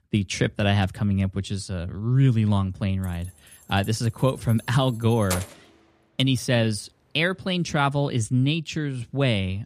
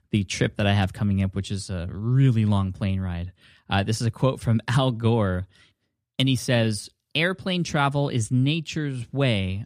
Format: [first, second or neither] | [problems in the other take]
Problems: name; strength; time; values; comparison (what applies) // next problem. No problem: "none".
second | jangling keys; noticeable; from 3 to 5.5 s; peak 7 dB below the speech